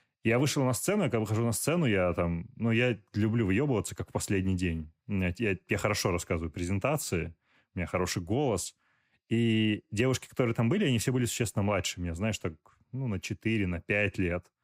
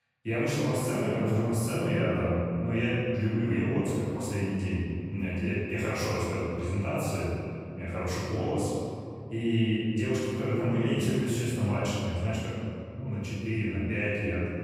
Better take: first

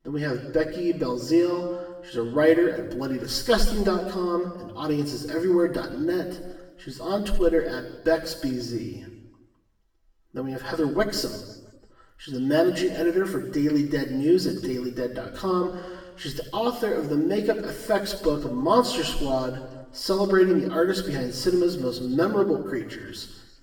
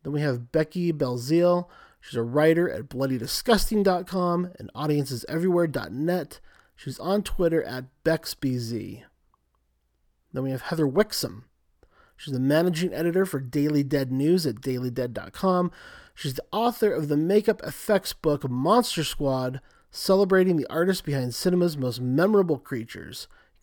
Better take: second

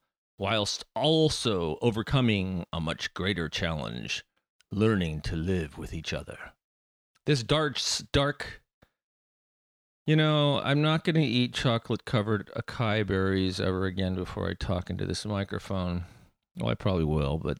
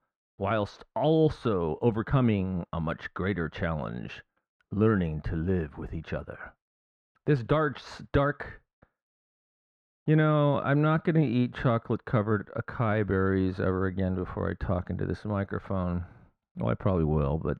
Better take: first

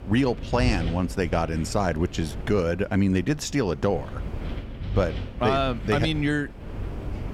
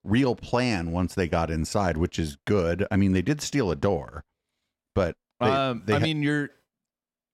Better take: second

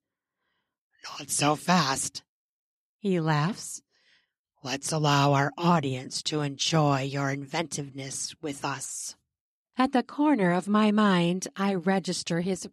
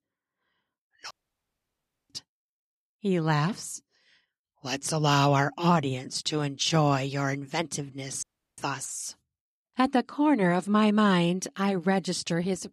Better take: first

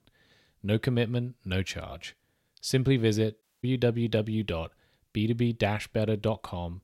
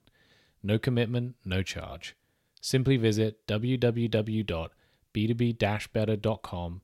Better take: second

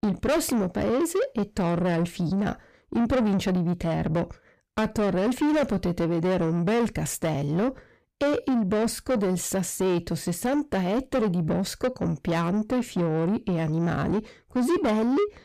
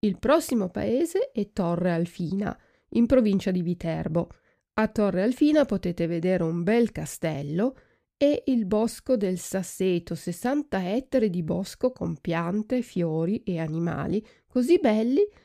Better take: second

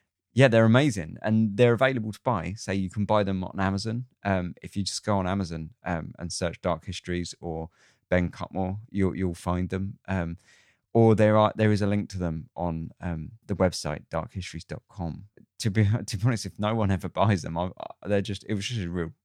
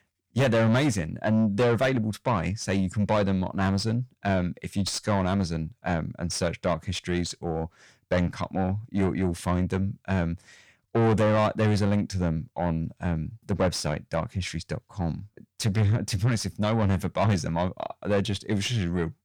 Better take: first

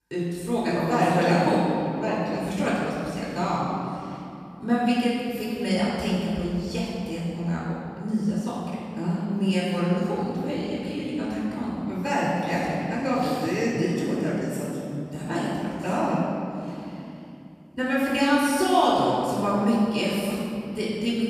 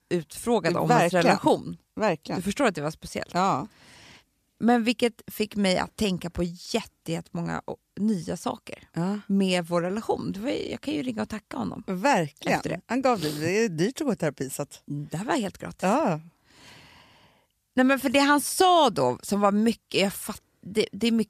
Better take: second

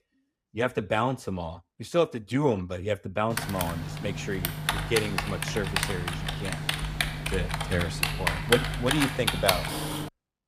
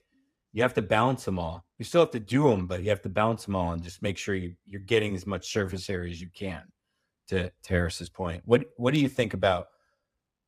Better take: second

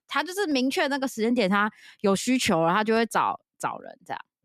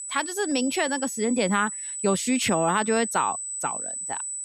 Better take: first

